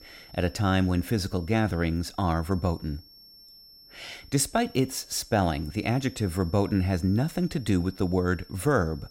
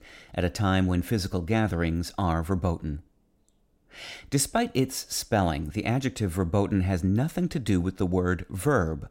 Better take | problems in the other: second | high-pitched whine; faint; throughout; 5.5 kHz, 25 dB below the speech

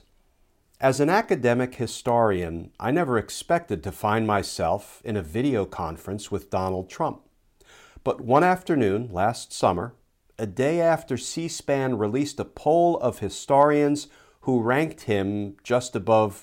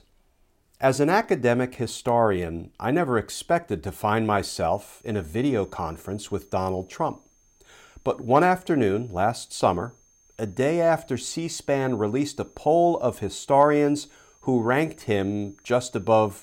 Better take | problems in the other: first | high-pitched whine; faint; from 4.5 s on; 6.5 kHz, 35 dB below the speech

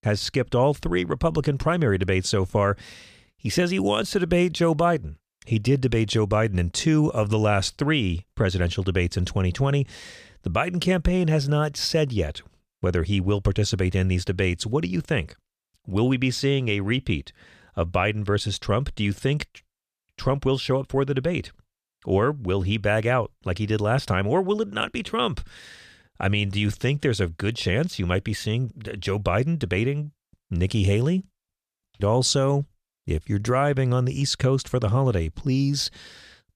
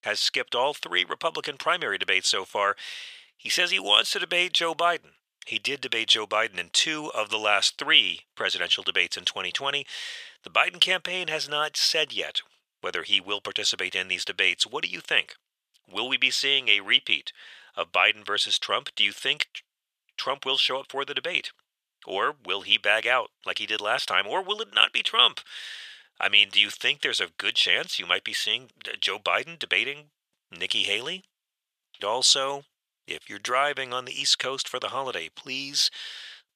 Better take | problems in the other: first | thin; very; fading below 800 Hz

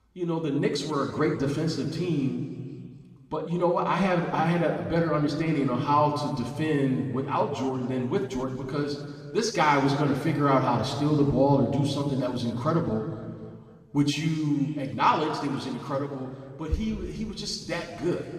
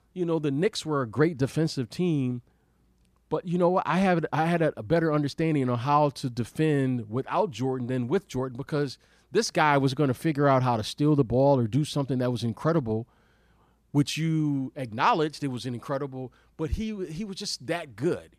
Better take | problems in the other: second | room echo; noticeable; dies away in 2 s // off-mic speech; somewhat distant

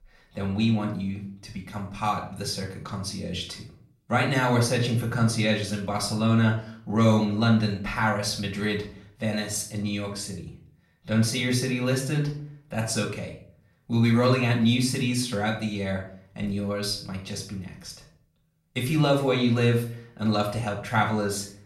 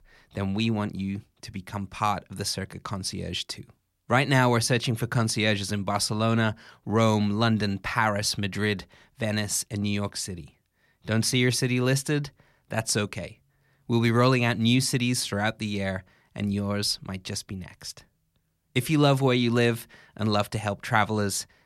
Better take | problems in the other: second | off-mic speech; far // room echo; slight; dies away in 0.4 s

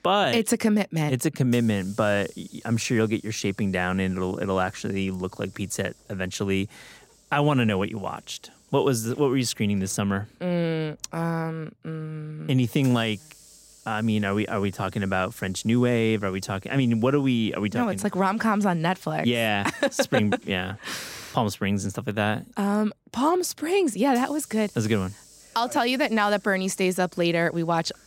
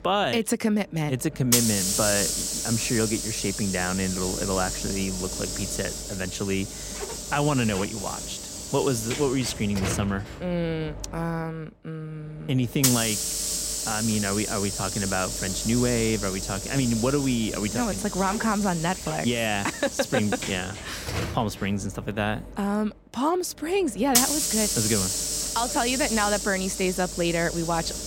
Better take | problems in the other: first | hiss; loud; throughout; 1 dB below the speech; faint in the first

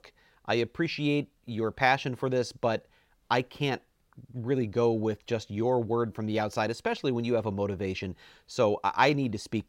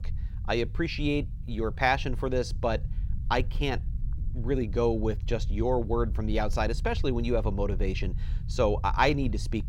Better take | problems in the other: first | low rumble; faint; throughout; 20 dB below the speech

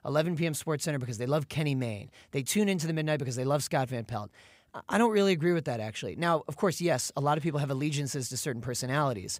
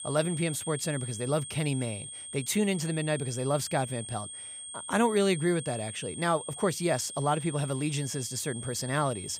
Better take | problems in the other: first | high-pitched whine; loud; throughout; 8.5 kHz, 9 dB below the speech

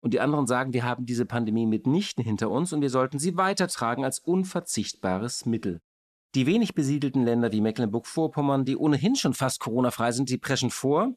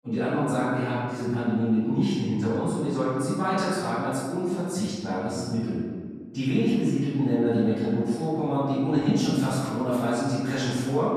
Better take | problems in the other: first | off-mic speech; far // room echo; strong; dies away in 1.6 s

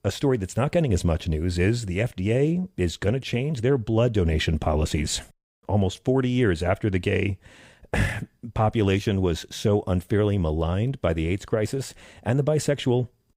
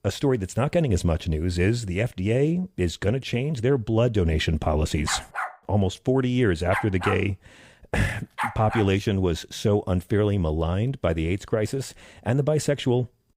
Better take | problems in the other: first | dog barking; noticeable; from 5 to 9 s; peak 5 dB below the speech

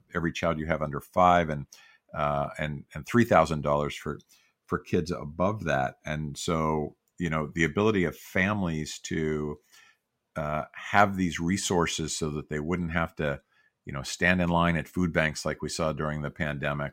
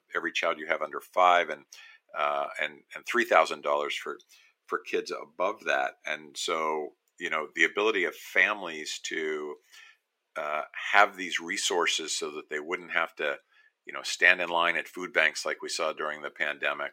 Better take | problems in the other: first | thin; very; fading below 350 Hz

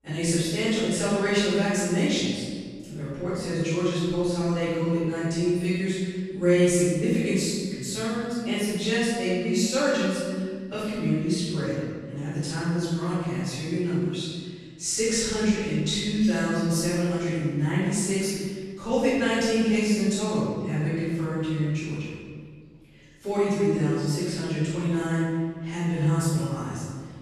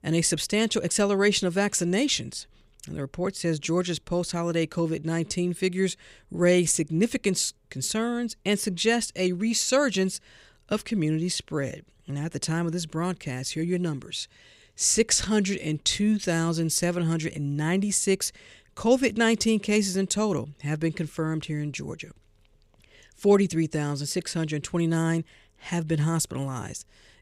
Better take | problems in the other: second | off-mic speech; far // room echo; strong; dies away in 1.7 s

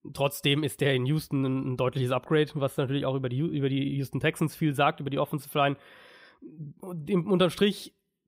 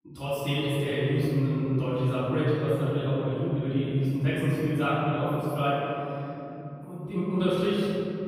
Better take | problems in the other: first | off-mic speech; far // room echo; strong; dies away in 3 s

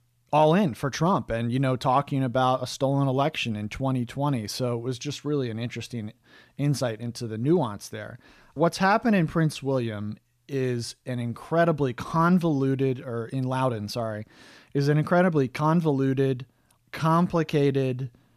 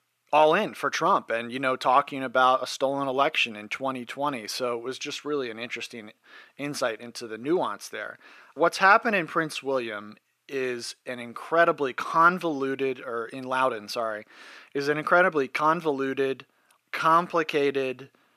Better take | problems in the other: first | thin; somewhat; fading below 400 Hz

